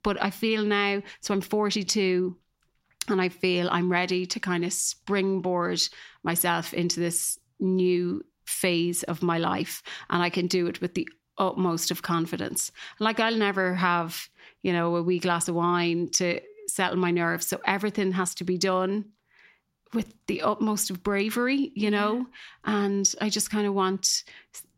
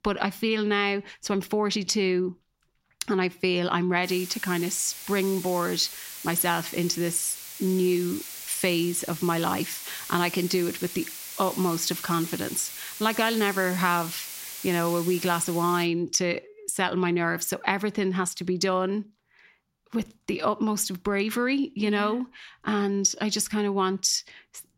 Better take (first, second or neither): first